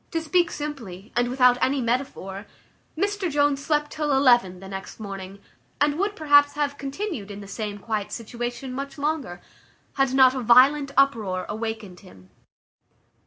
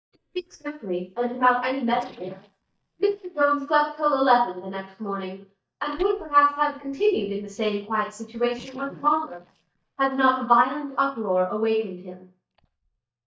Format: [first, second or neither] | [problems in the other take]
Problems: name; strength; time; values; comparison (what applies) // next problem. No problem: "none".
first | noise reduction (neural mask model DeepFilterNet 3)